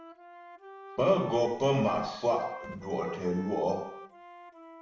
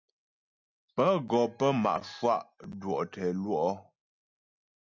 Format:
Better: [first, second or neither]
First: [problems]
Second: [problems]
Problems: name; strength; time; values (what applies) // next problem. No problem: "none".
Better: second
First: background sound (Wind instrument, woodwind instrument); 16 dB below the speech // room echo; dies away in 0.7 s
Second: none